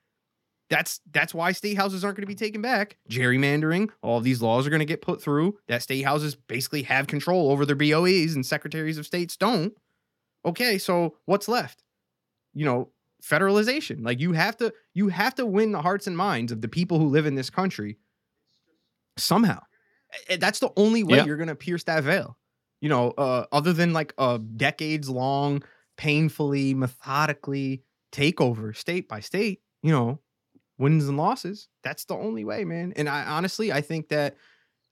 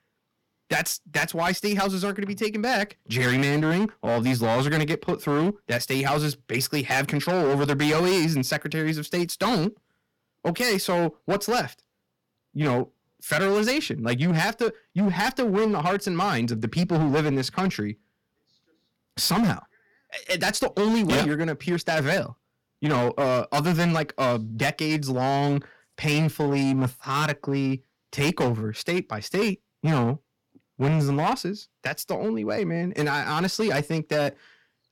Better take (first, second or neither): first